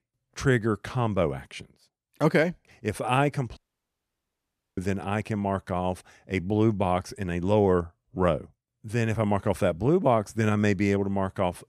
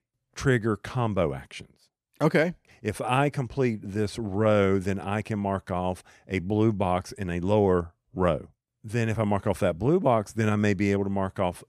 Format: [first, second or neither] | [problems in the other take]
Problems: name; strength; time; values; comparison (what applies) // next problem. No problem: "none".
second | audio cutting out; at 3.5 s for 1 s